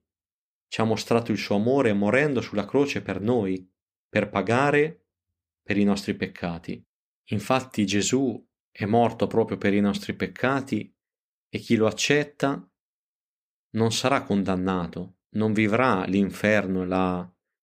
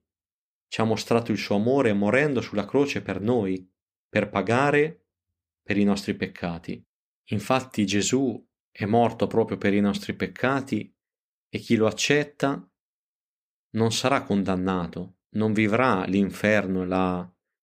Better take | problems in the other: neither | none

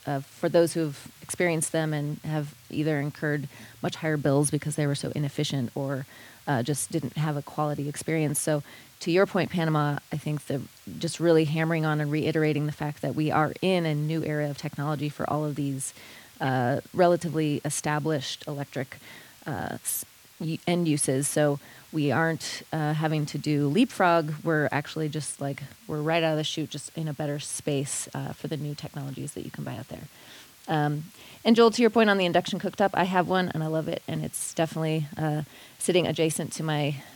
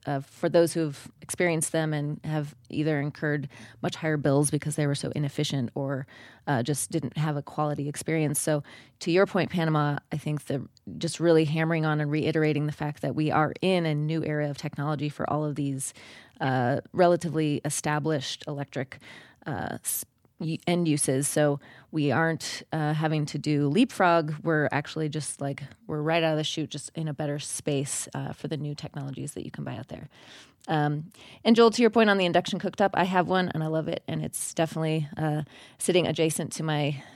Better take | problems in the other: second | hiss; faint; throughout; 25 dB below the speech

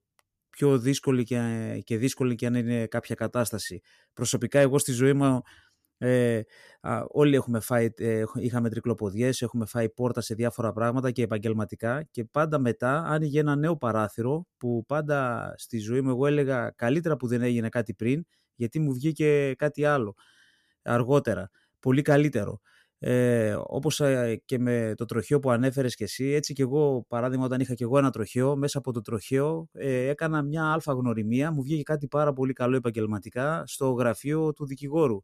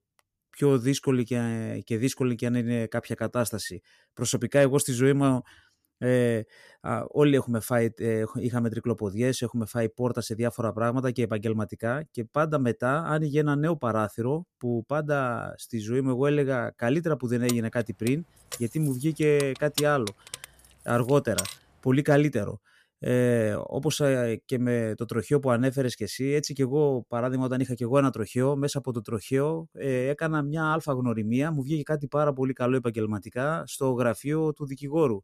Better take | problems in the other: first | jangling keys; noticeable; from 17 to 22 s; peak 5 dB below the speech

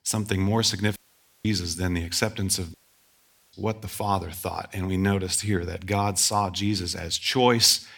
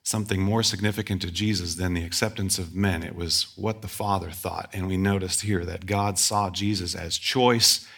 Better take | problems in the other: second | audio cutting out; at 1 s and at 2.5 s for 1 s

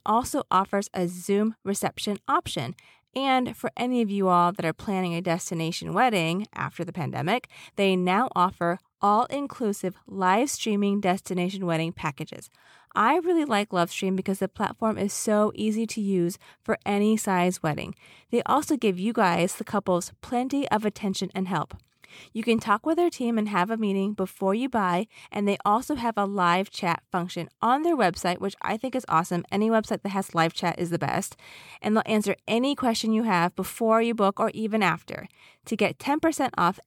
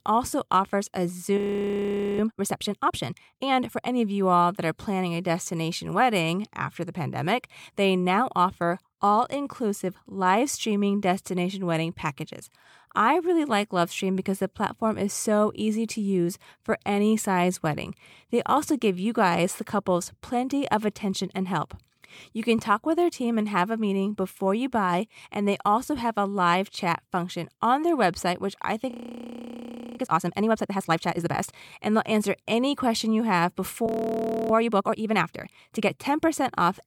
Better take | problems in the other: first | audio freezing; at 1.5 s for 1 s, at 29 s for 1 s and at 34 s for 0.5 s

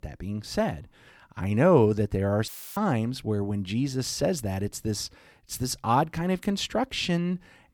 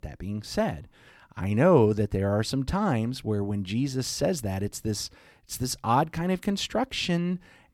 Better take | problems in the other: second | audio cutting out; filled with static; at 2.5 s

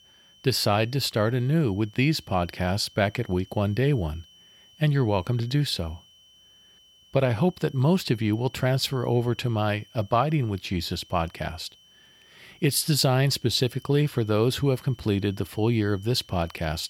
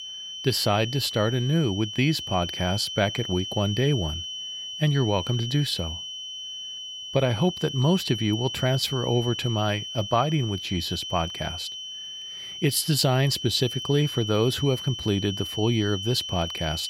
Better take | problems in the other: first | high-pitched whine; loud; throughout; 3 kHz, 7 dB below the speech; faint in the first

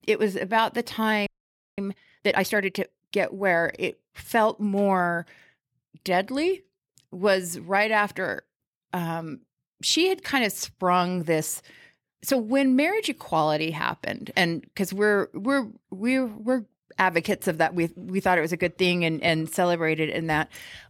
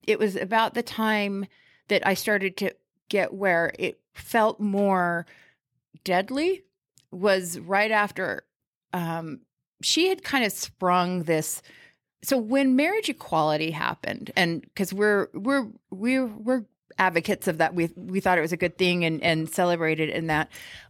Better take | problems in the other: second | audio freezing; at 1.5 s for 0.5 s

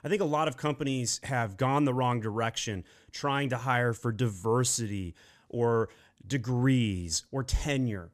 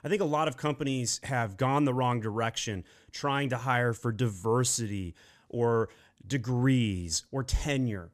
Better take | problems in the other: neither | none

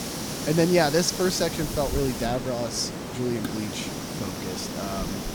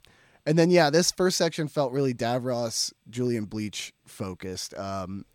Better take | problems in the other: second | hiss; loud; throughout; 5 dB below the speech

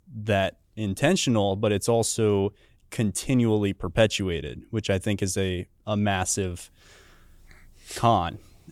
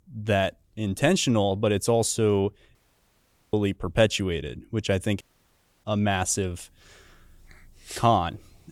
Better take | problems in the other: first | audio cutting out; at 3 s for 1 s and at 5 s for 0.5 s

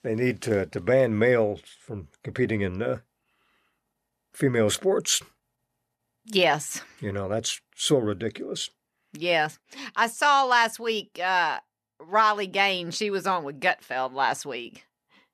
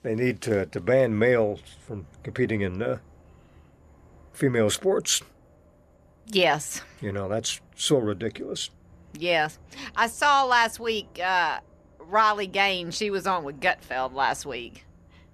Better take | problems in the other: first | animal sounds; faint; throughout; 30 dB below the speech

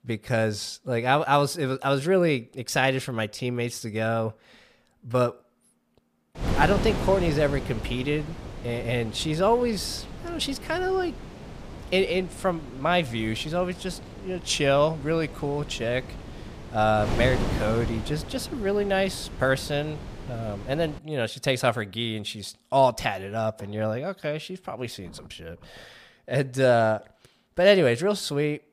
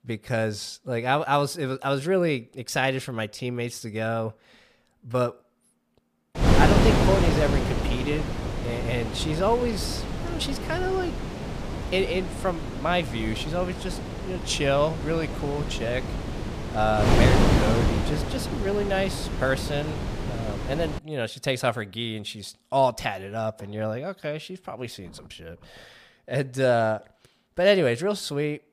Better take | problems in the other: first | wind noise on the microphone; heavy; from 6.5 to 21 s; 4 dB below the speech; occasional gusts in the first

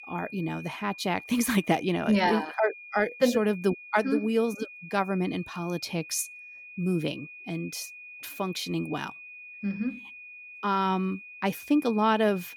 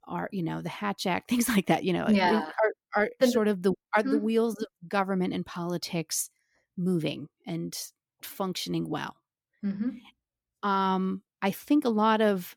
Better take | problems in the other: second | high-pitched whine; noticeable; throughout; 2.5 kHz, 15 dB below the speech

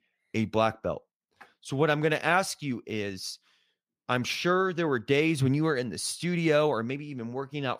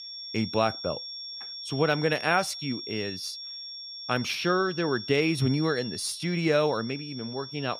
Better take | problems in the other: first | high-pitched whine; loud; throughout; 5.5 kHz, 9 dB below the speech

